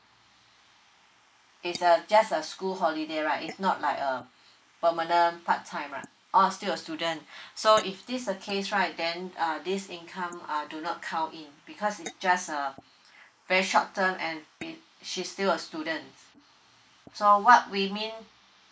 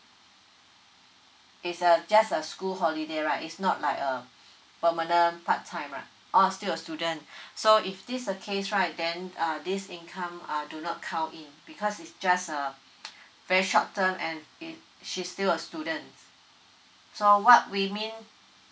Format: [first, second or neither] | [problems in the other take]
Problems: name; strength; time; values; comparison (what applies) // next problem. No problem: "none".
second | noise reduction (neural mask model Resemble Enhance denoiser)